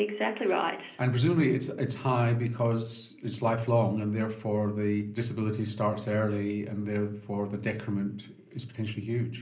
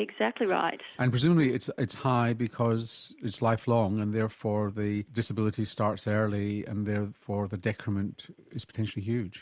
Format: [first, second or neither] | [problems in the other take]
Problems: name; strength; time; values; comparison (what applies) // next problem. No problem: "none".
second | room echo; dies away in 0.5 s